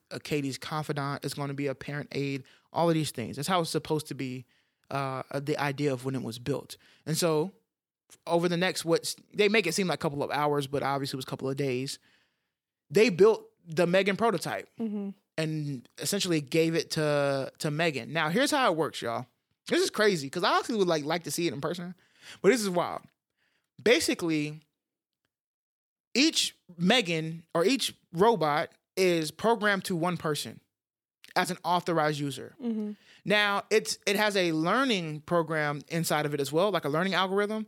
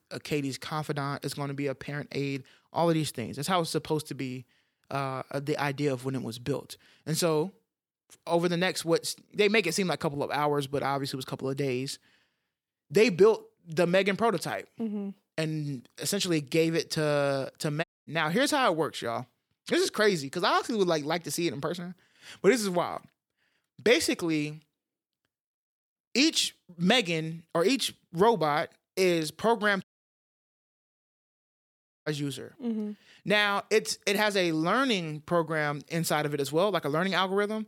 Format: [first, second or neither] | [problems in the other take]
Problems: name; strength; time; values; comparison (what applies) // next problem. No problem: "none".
first | audio cutting out; at 18 s and at 30 s for 2 s